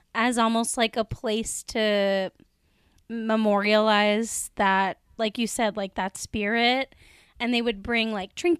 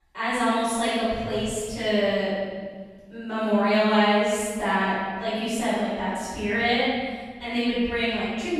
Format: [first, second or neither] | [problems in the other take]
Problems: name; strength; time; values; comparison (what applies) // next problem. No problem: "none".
first | off-mic speech; far // room echo; strong; dies away in 1.7 s